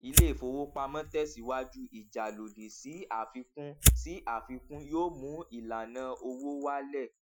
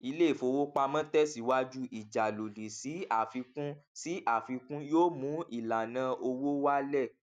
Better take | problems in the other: second | noise reduction (classical method Wiener filter)

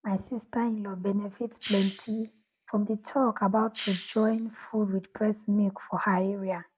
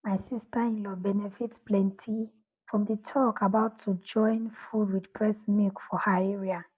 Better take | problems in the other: second | background sound (Hiss); 16 dB below the speech

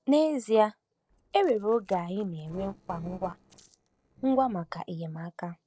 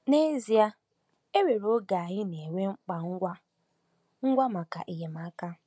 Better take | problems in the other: second | noise reduction (neural separator model SepFormer DNS4)

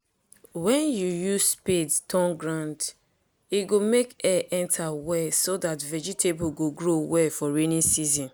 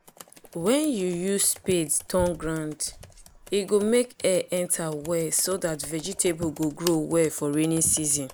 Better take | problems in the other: first | background sound (Computer keyboard); 19 dB below the speech

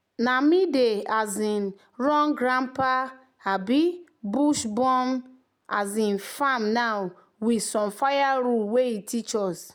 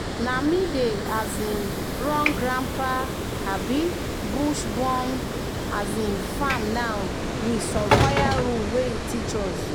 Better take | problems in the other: first | background sound (Water + Sliding door / Train); as loud as the speech

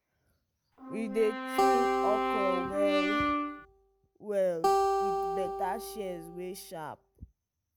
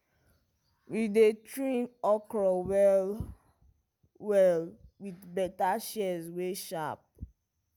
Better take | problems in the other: second | background sound (Brass instrument + Acoustic guitar); 4 dB above the speech

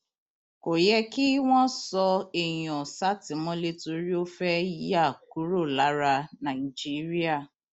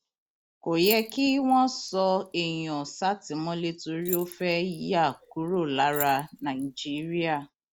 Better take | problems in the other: first | background sound (Keys jangling); 14 dB below the speech

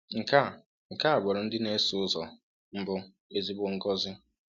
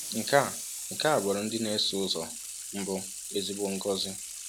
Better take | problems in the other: first | background sound (Sink (filling or washing) / Water tap, faucet); 8 dB below the speech

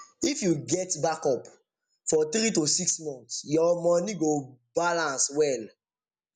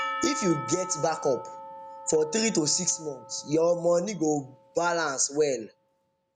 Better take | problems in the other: first | background sound (Percussion); 12 dB below the speech

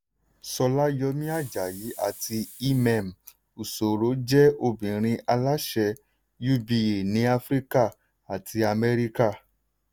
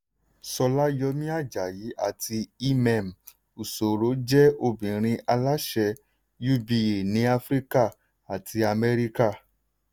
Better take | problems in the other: second | background sound (Hiss); 20 dB below the speech

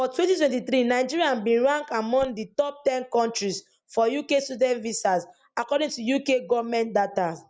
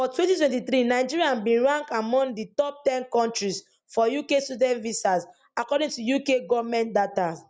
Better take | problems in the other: second | noise reduction (neural mask model Resemble Enhance denoiser)

